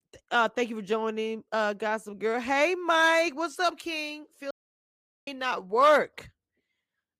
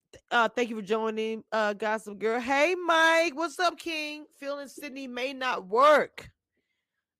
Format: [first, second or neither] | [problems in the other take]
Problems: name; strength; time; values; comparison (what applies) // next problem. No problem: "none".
second | audio cutting out; at 4.5 s for 1 s